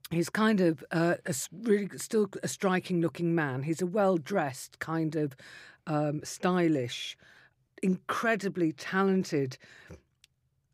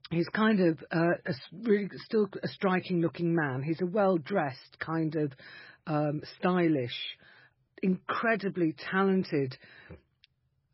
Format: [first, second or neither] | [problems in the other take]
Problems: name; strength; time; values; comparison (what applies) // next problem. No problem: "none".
first | garbled, watery; badly; nothing above 5.5 kHz